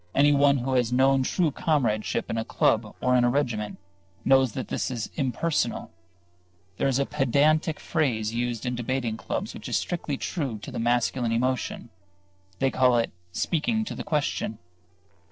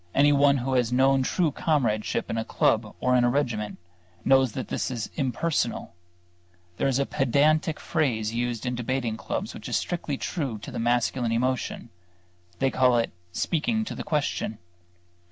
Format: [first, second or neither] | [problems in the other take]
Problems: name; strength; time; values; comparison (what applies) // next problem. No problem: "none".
second | noise reduction (neural separator model SepFormer DNS4)